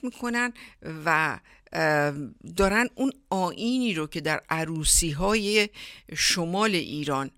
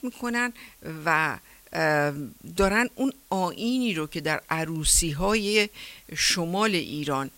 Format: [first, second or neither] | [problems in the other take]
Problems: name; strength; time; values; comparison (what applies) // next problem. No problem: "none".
first | hiss; faint; throughout; 25 dB below the speech